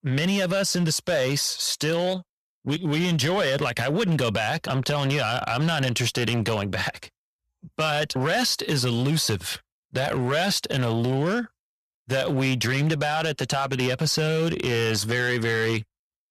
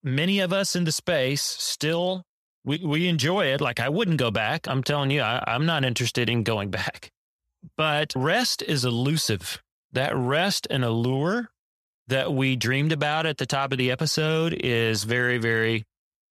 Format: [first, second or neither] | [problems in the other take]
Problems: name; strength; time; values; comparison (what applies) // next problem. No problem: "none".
second | distortion; slight; 9% of the sound clipped